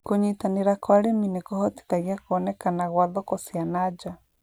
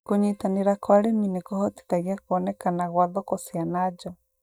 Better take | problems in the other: first | noise reduction (neural mask model DeepFilterNet 3)

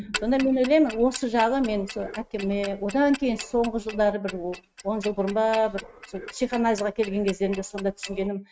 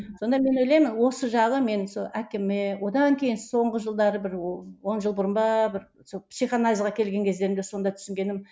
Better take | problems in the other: second | noise reduction (neural mask model RNNoise)

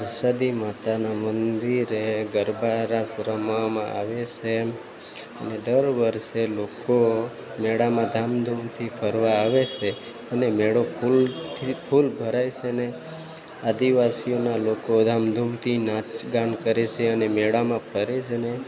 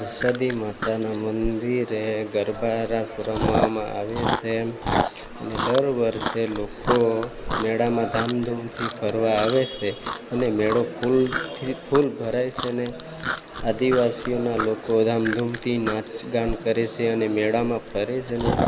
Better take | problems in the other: first | background sound (Chewing, mastication); 7 dB below the speech

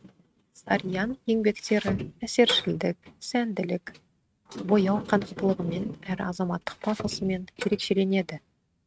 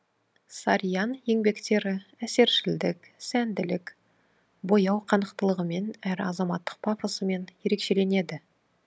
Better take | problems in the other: second | noise reduction (neural mask model RNNoise)

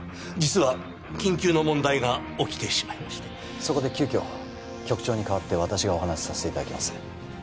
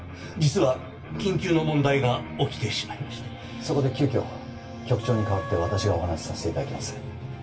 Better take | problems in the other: first | background sound (Wind instrument, woodwind instrument); 13 dB below the speech // room echo; dies away in 0.2 s

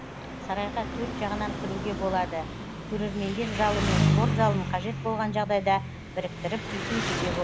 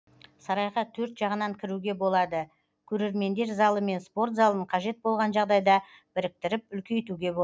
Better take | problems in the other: second | background sound (Engine); as loud as the speech

